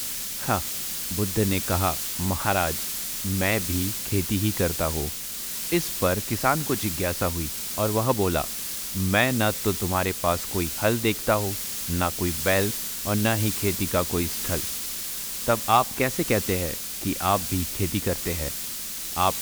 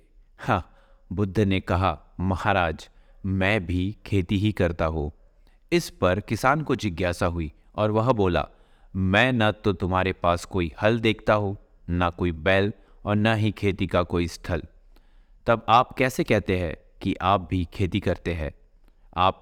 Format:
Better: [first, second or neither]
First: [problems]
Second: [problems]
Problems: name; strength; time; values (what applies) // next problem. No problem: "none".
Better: second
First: hiss; loud; throughout; 1 dB below the speech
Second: none